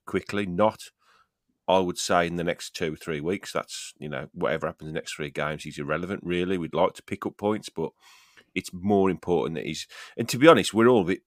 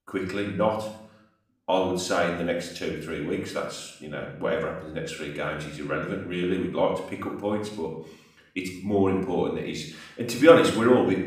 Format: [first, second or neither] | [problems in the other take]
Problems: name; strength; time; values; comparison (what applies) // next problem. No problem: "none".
first | room echo; noticeable; dies away in 0.6 s // off-mic speech; far